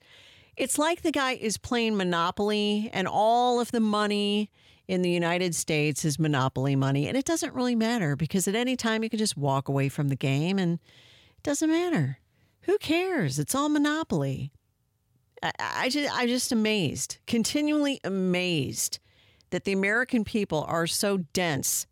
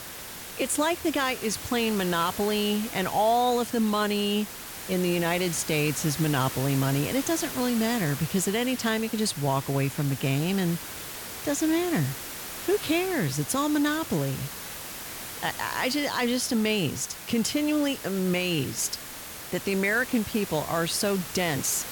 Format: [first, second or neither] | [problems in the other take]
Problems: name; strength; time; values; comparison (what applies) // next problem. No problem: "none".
first | hiss; loud; throughout; 9 dB below the speech